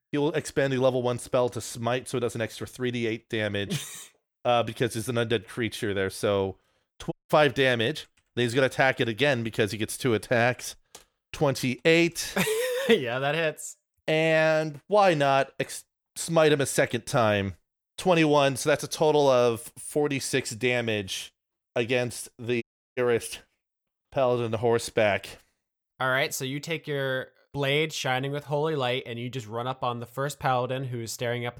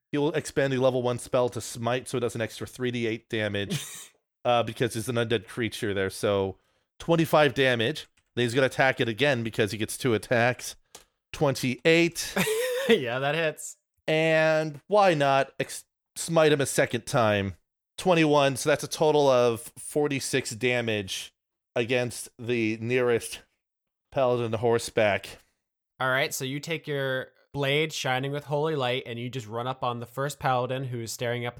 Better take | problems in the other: second | audio cutting out; at 7 s and at 23 s

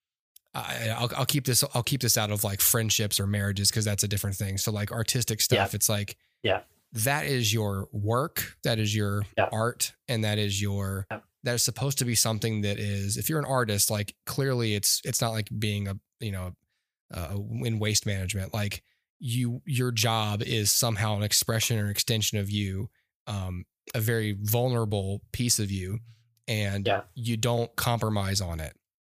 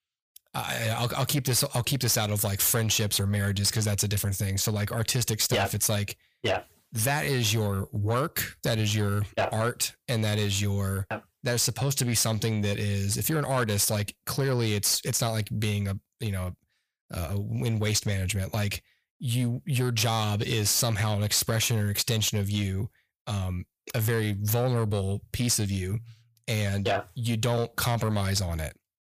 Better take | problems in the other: first | distortion; slight; 10 dB below the speech

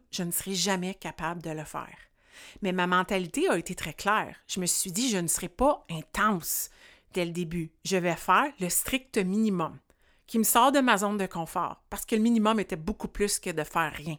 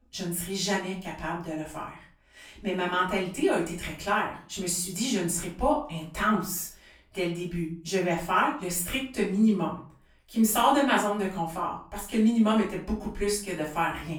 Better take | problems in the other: first | off-mic speech; far // room echo; slight; dies away in 0.4 s

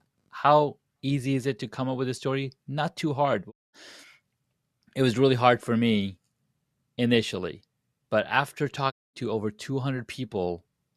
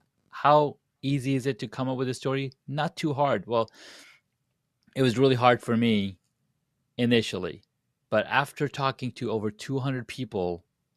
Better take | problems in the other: second | audio cutting out; at 3.5 s and at 9 s

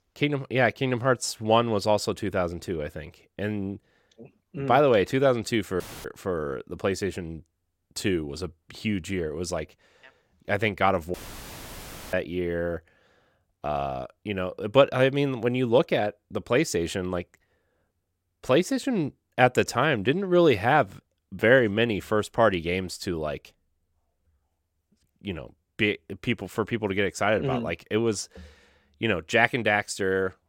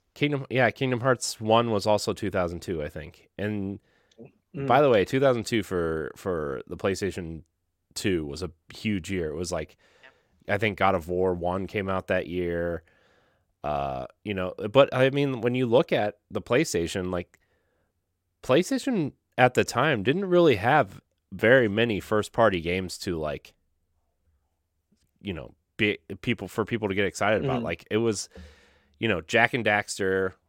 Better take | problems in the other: second | audio cutting out; filled with static; at 6 s and at 11 s for 1 s

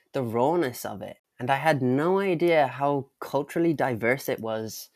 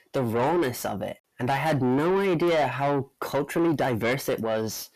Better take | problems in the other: first | distortion; heavy; 7 dB below the speech

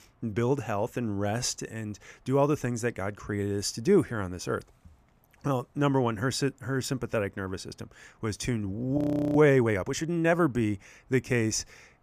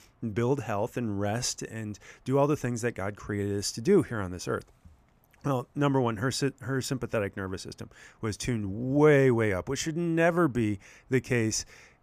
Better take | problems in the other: second | audio freezing; at 9 s

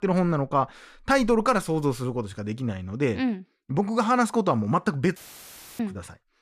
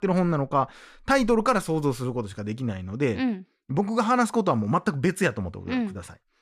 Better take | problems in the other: second | audio cutting out; filled with static; at 5 s for 0.5 s

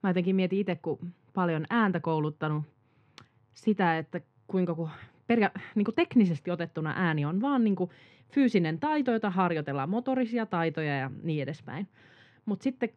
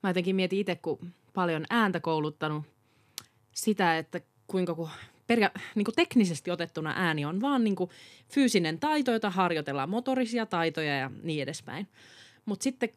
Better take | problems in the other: second | muffled; slightly; fading above 2.5 kHz

